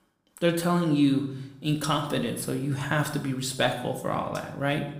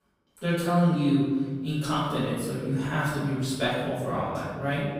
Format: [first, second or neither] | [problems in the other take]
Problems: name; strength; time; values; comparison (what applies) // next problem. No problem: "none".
first | room echo; strong; dies away in 1.6 s; slight in the first // off-mic speech; far